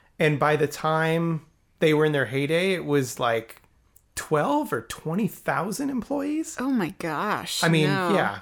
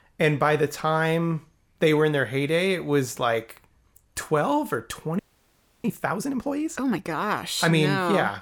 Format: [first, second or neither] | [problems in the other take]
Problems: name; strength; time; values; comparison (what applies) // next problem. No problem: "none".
first | audio freezing; at 5 s for 0.5 s